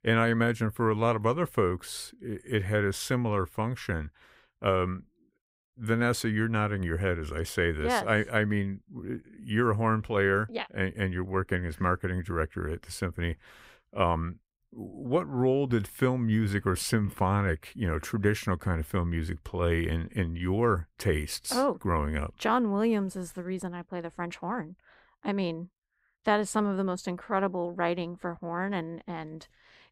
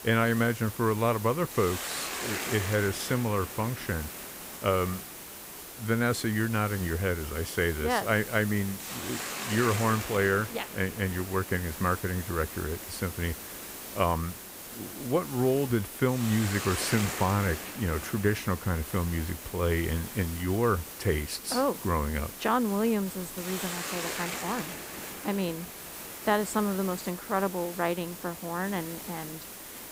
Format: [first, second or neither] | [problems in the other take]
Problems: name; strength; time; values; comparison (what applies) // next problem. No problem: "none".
first | hiss; loud; throughout; 8 dB below the speech